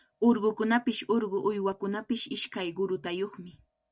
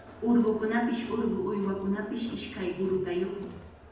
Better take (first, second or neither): first